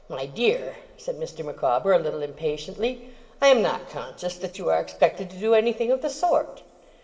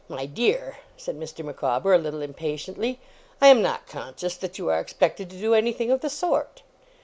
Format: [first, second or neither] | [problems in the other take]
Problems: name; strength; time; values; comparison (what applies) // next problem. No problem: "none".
second | room echo; dies away in 2.9 s